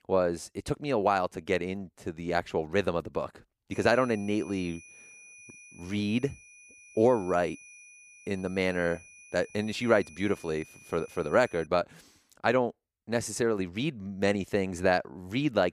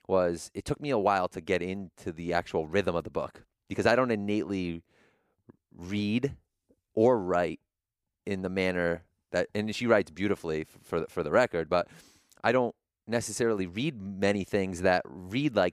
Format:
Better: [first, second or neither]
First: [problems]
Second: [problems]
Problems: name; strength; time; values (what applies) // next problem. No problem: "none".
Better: second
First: high-pitched whine; faint; from 3.5 to 12 s; 2.5 kHz, 20 dB below the speech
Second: none